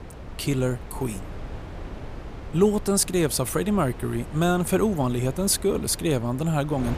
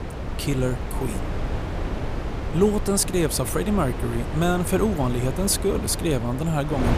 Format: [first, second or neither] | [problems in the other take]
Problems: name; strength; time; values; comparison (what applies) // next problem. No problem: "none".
first | wind noise on the microphone; heavy; 8 dB below the speech; occasional gusts in the first